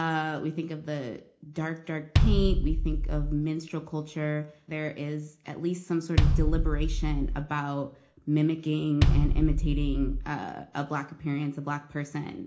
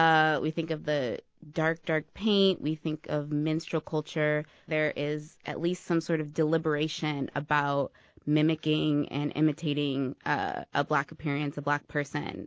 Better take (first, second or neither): second